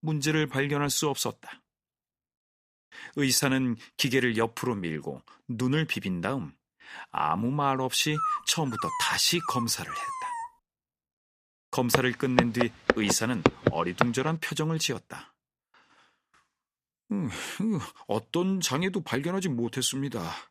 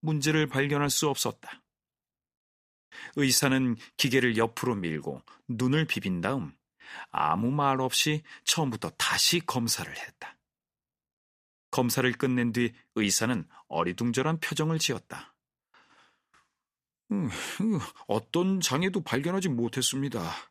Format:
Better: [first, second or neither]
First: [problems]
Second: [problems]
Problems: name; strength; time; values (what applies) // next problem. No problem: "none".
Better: second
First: dog barking; noticeable; from 8 to 10 s; peak 2 dB below the speech // footsteps; loud; from 12 to 14 s; peak 2 dB above the speech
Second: none